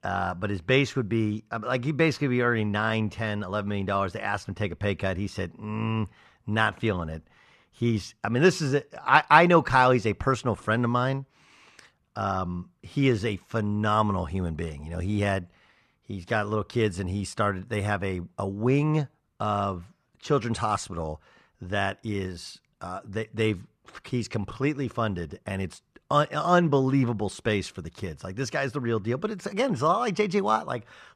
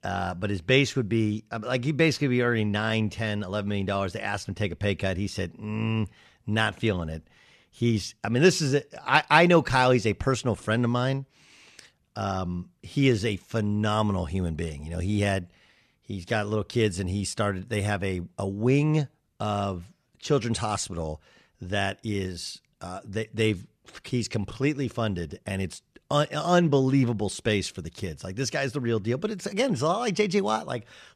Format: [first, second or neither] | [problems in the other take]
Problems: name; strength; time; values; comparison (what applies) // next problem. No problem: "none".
second | muffled; very slightly; fading above 3 kHz